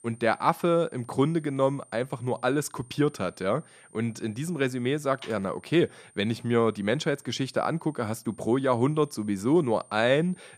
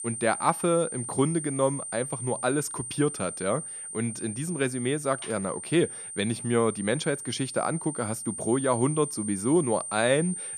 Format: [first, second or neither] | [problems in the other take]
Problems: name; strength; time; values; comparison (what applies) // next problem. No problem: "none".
first | high-pitched whine; loud; throughout; 9 kHz, 7 dB below the speech; faint in the first